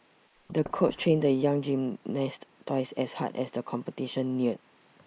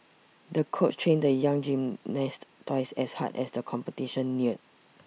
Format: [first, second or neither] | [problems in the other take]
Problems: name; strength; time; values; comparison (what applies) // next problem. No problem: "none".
second | noise reduction (neural mask model Resemble Enhance denoiser)